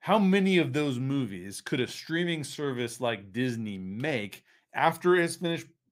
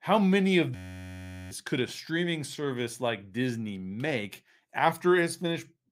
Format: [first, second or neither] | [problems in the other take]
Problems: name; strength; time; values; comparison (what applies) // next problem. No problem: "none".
first | audio freezing; at 1 s for 1 s